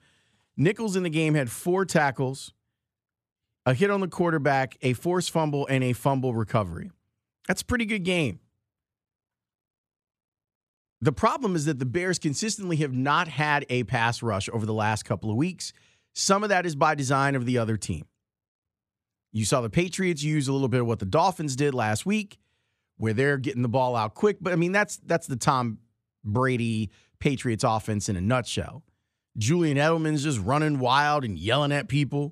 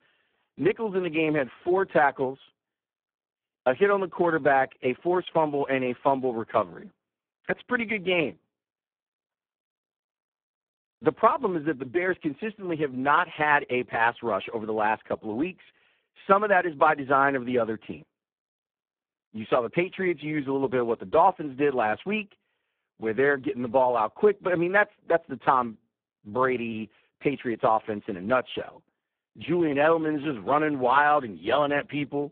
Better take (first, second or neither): first